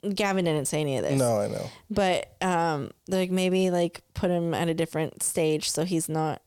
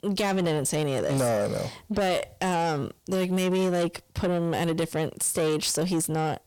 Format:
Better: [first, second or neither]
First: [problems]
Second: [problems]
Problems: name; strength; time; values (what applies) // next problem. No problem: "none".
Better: first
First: none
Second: distortion; slight; 10 dB below the speech